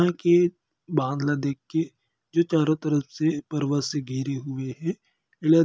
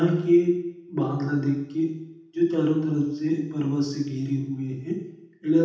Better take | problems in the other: first | room echo; dies away in 0.8 s

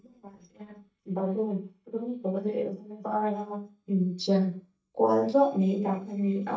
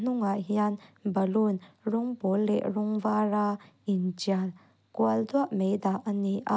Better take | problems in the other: second | noise reduction (neural mask model DeepFilterNet 3)

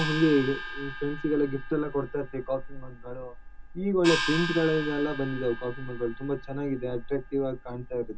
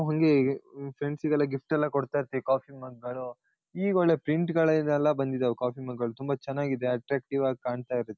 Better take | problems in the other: second | background sound (Gong); 7 dB below the speech // room echo; dies away in 0.2 s

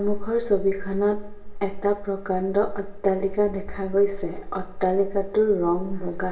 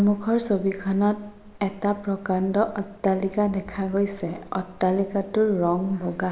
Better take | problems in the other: second | room echo; dies away in 0.2 s

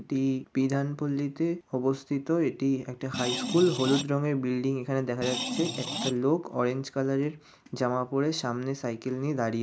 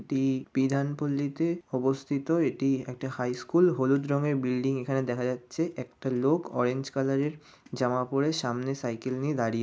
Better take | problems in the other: second | background sound (Screech); 5 dB below the speech

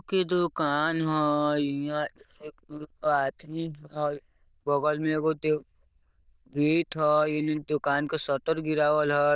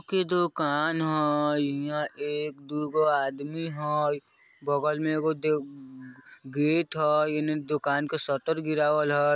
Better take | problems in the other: second | noise reduction (neural diffusion model UNIVERSE++)

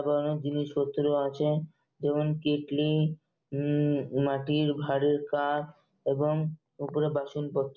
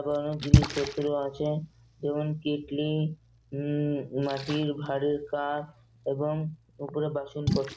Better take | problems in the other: first | background sound (Splash, splatter); 2 dB below the speech

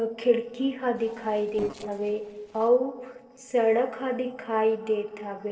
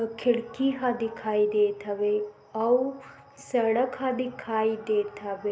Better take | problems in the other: second | noise reduction (neural separator model SepFormer DNS4)

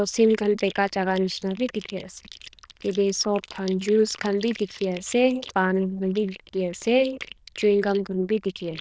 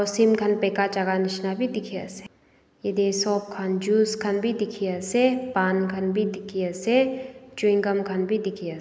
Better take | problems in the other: second | noise reduction (neural diffusion model UNIVERSE++)

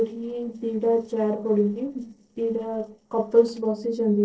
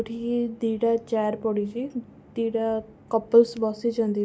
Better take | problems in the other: second | noise reduction (neural separator model SepFormer DNS4)

